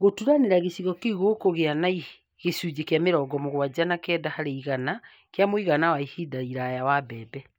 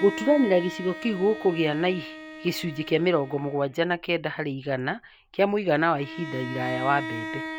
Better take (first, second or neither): first